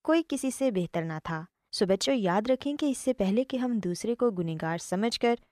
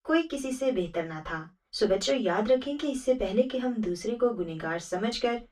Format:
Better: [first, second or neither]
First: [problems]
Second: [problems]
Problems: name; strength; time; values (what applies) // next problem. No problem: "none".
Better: first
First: none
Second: room echo; very slight; dies away in 0.2 s // off-mic speech; far